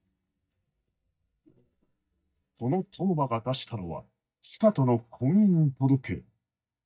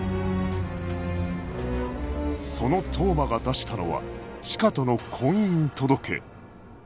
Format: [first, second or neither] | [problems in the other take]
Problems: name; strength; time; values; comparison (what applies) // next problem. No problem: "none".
second | noise reduction (neural mask model DeepFilterNet 3)